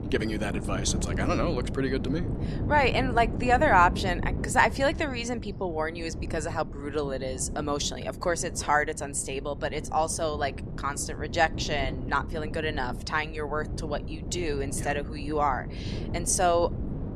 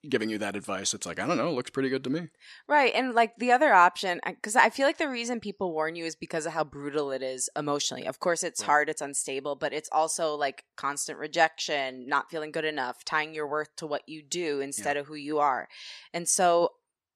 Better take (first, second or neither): second